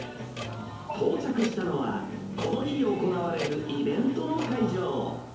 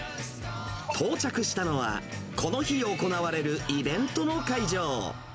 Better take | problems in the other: second | background sound (Clock); 14 dB below the speech // room echo; dies away in 2.2 s

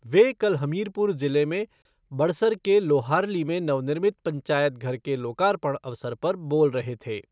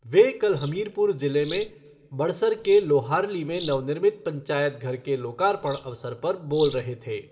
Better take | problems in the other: first | background sound (Bird vocalization, bird call, bird song); 19 dB below the speech // room echo; dies away in 1.2 s

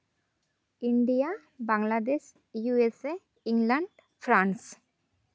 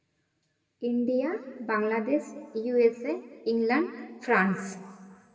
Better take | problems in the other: first | room echo; dies away in 2.7 s

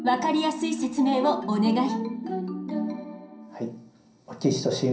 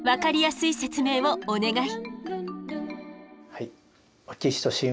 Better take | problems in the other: second | room echo; dies away in 0.6 s

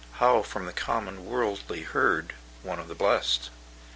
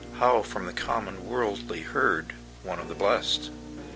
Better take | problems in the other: first | background sound (Musical instrument); 13 dB below the speech

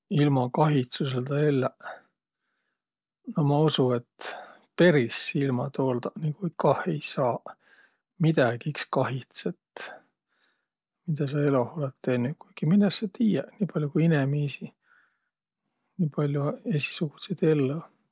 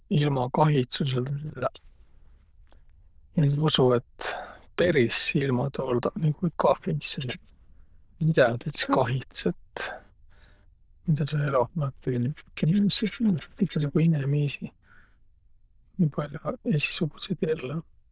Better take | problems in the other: first | noise reduction (neural diffusion model UNIVERSE++)

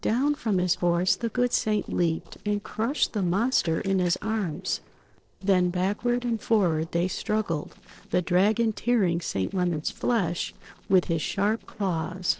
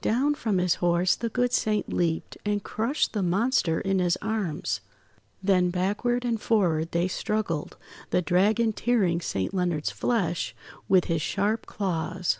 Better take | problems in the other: second | noise reduction (neural separator model SepFormer DNS4)

